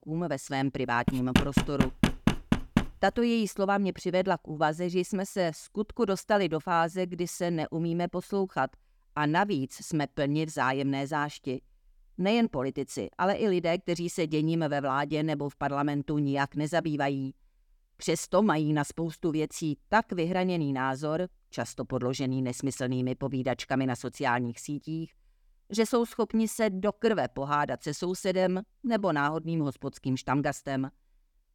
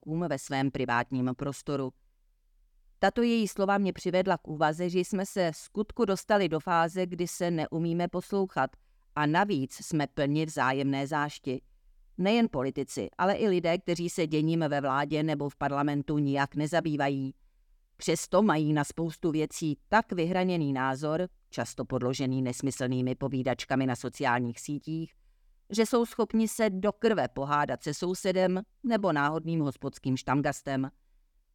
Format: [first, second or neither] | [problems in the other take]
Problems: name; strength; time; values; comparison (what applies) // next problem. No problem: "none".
second | door banging; loud; from 1 to 3 s; peak 3 dB above the speech